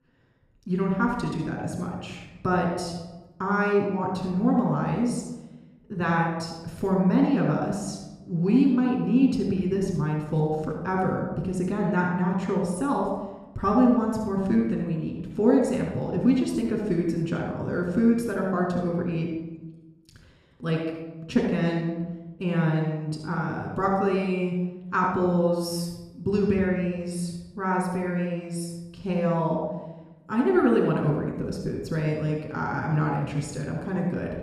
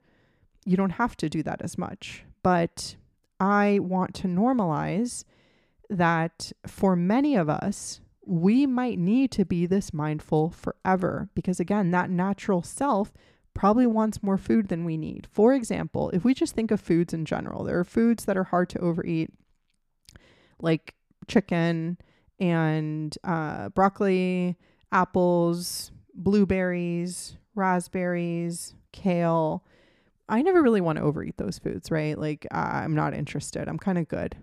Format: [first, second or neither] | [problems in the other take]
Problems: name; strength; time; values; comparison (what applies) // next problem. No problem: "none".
second | off-mic speech; somewhat distant // room echo; noticeable; dies away in 0.9 s